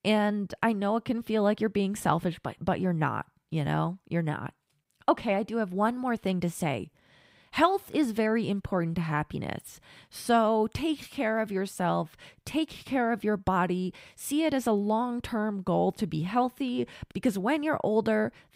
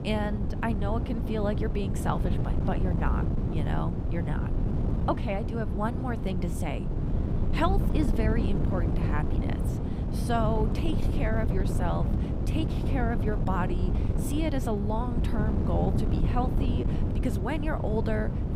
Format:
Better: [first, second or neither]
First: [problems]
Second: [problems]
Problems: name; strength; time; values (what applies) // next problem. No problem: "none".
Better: first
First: none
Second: wind noise on the microphone; heavy; 5 dB below the speech